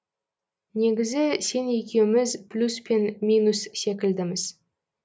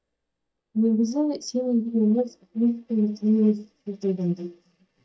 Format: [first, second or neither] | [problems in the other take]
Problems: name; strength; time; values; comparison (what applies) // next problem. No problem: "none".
first | noise reduction (neural mask model DeepFilterNet 3)